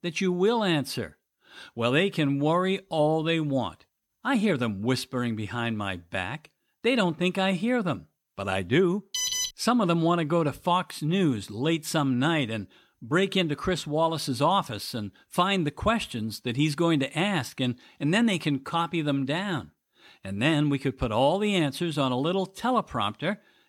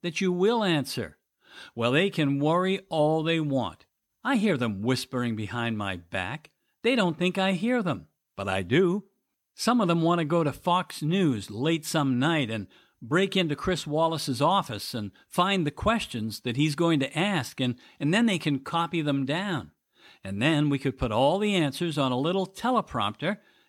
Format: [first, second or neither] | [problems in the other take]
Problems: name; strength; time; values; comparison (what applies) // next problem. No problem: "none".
second | alarm; loud; at 9 s; peak 1 dB above the speech